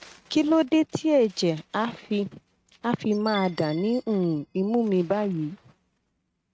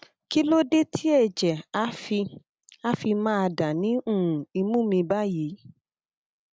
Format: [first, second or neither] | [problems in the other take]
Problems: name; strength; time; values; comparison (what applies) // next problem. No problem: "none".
second | noise reduction (neural mask model RNNoise)